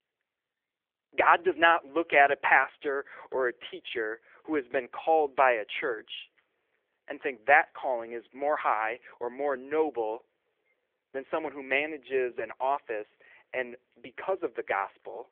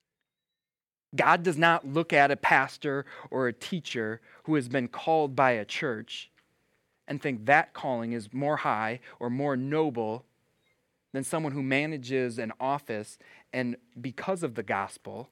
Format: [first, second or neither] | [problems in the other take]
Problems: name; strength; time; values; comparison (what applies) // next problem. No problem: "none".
second | phone-call audio; nothing above 3.5 kHz